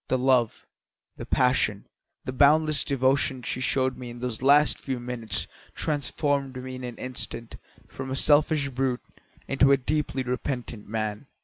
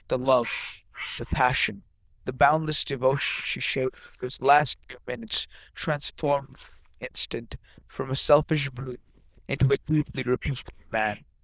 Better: first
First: none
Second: noise reduction (neural diffusion model UNIVERSE++)

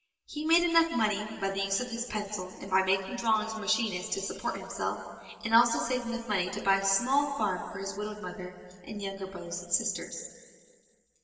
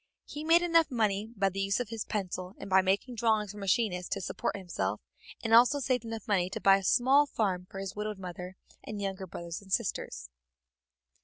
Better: second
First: room echo; dies away in 2 s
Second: none

